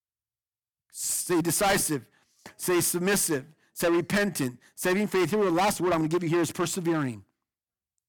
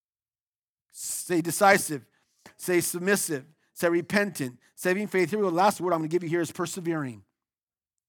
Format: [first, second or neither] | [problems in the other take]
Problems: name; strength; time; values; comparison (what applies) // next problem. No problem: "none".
second | distortion; heavy; 11% of the sound clipped